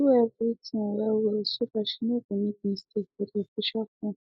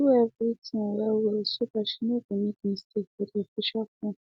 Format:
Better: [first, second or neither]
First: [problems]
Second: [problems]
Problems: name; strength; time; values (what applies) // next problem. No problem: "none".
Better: second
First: noise reduction (neural mask model Resemble Enhance denoiser)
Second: none